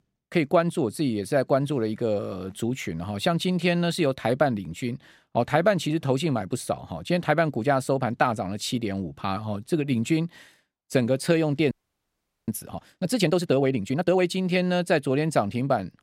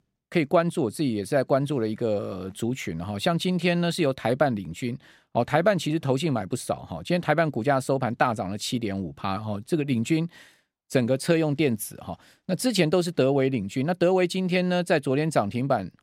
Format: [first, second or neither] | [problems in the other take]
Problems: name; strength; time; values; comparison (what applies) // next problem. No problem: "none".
second | audio freezing; at 12 s for 1 s